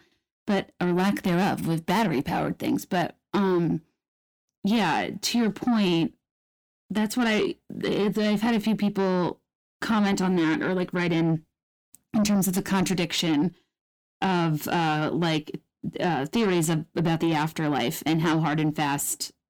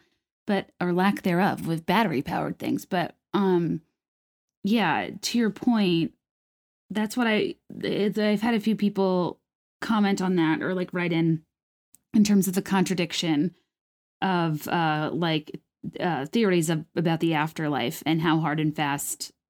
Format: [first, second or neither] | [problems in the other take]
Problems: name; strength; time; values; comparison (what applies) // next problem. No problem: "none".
second | distortion; slight; 10 dB below the speech